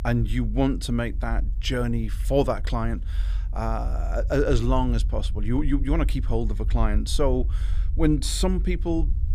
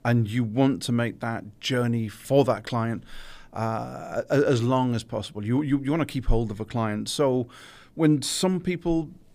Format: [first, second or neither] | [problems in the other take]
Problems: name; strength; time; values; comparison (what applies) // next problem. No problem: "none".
second | low rumble; faint; throughout; 20 dB below the speech